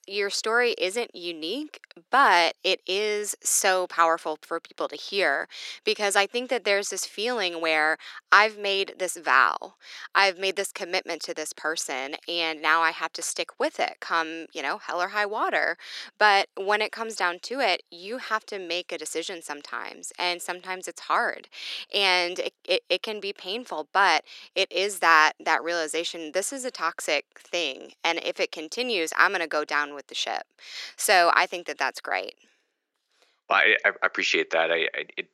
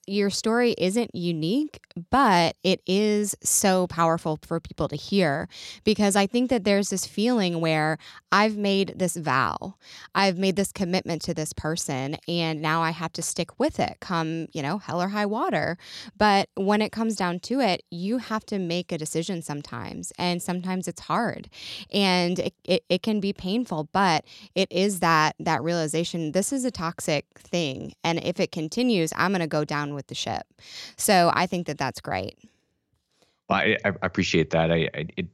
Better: second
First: thin; very; fading below 350 Hz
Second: none

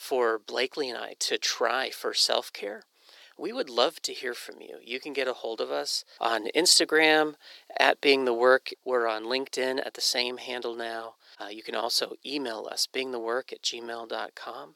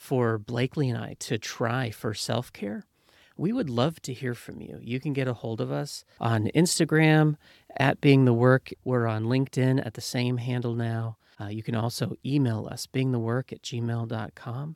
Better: second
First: thin; very; fading below 400 Hz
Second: none

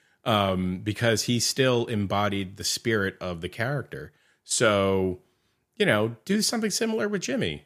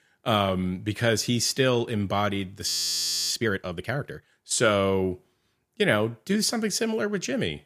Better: first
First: none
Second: audio freezing; at 2.5 s for 0.5 s

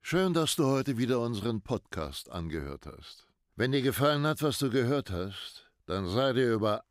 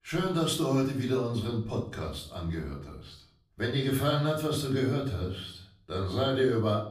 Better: first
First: none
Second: off-mic speech; far // room echo; slight; dies away in 0.5 s

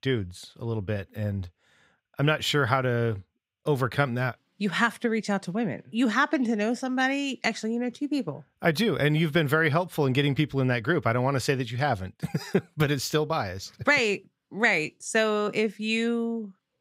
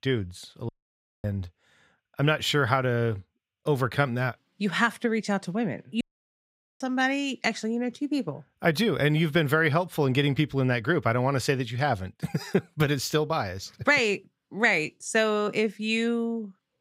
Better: first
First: none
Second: audio cutting out; at 0.5 s for 0.5 s and at 6 s for 1 s

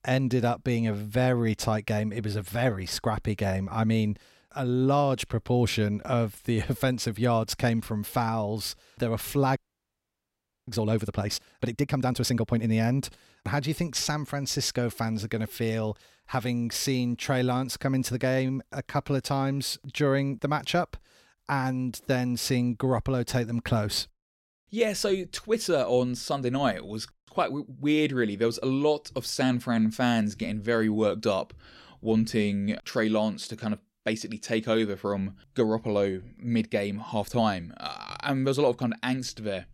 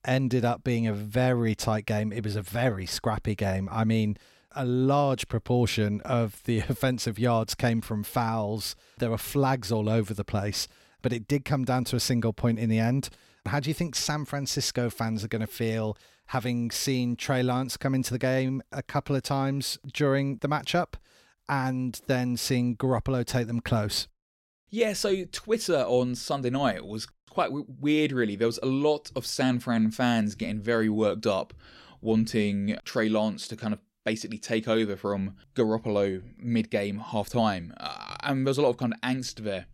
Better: second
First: audio freezing; at 9.5 s for 1 s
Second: none

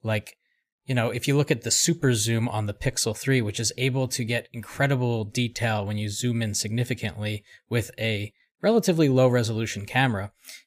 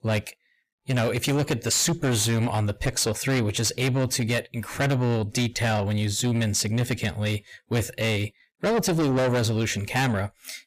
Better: first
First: none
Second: distortion; heavy; 7 dB below the speech

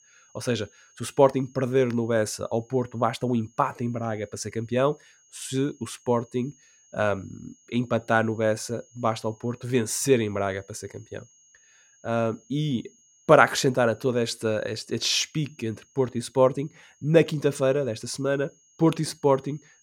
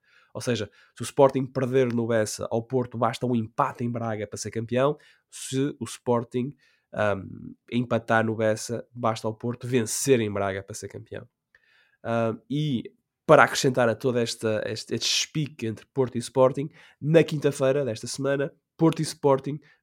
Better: second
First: high-pitched whine; faint; throughout; 6.5 kHz, 30 dB below the speech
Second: none

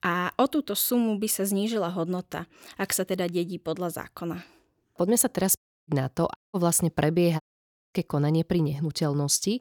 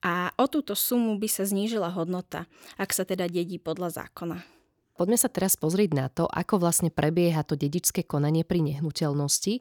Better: second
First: audio cutting out; at 5.5 s, at 6.5 s and at 7.5 s for 0.5 s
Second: none

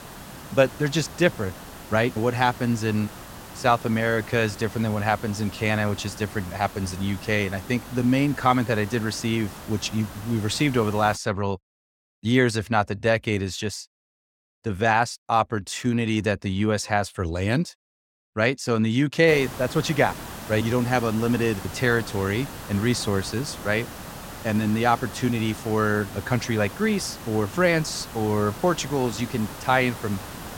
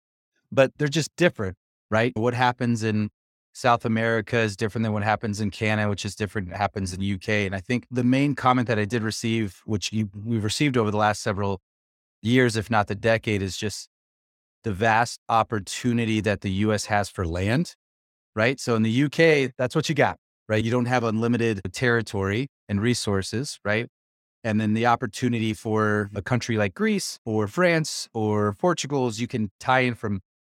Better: second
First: hiss; noticeable; until 11 s and from 19 s on; 15 dB below the speech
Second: none

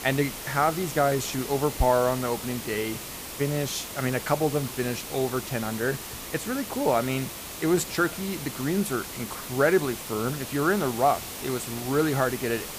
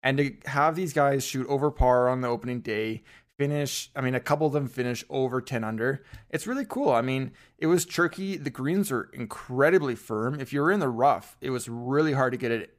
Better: second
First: hiss; loud; throughout; 8 dB below the speech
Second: none

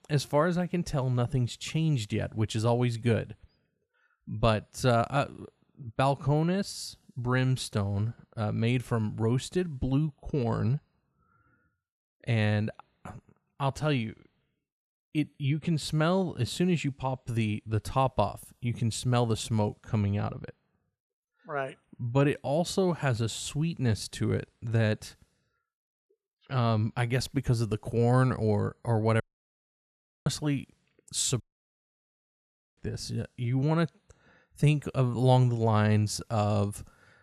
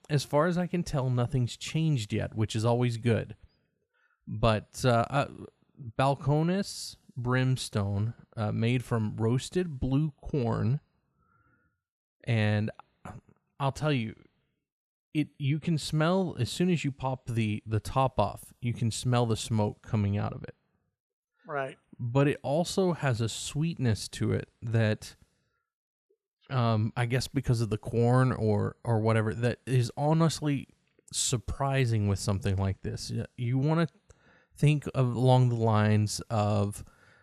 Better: second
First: audio cutting out; at 29 s for 1 s and at 31 s for 1.5 s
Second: none

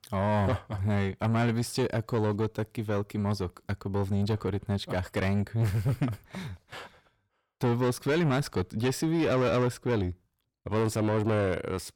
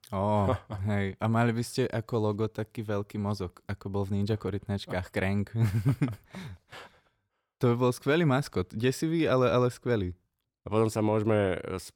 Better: second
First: distortion; slight; 9 dB below the speech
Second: none

